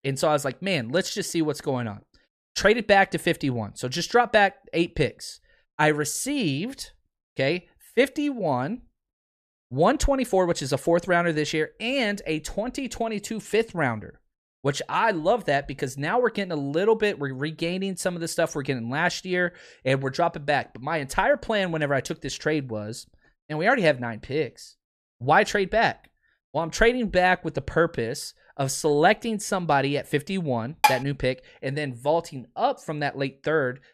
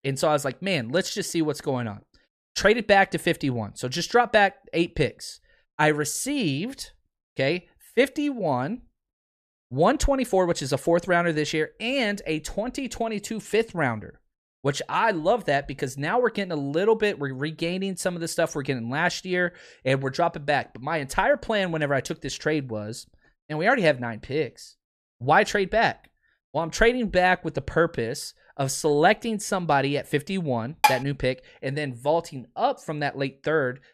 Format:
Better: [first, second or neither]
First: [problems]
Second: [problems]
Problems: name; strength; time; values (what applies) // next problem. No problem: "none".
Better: neither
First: clattering dishes; loud; at 31 s; peak 2 dB above the speech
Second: clattering dishes; loud; at 31 s; peak 2 dB above the speech